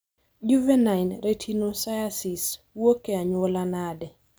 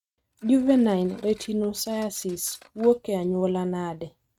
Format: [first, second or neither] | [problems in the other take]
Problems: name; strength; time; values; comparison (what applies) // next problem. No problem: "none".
first | noise reduction (neural mask model RNNoise)